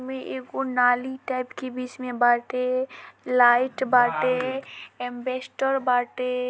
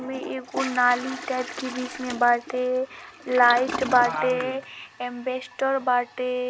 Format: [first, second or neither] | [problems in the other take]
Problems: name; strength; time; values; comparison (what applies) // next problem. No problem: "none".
first | background sound (Toilet flush); 13 dB below the speech